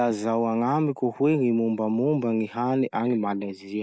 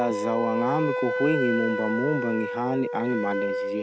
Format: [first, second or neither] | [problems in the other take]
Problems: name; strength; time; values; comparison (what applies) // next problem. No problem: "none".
first | background sound (Wind instrument, woodwind instrument); 2 dB below the speech